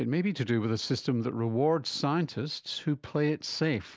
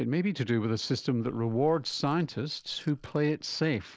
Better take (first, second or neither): first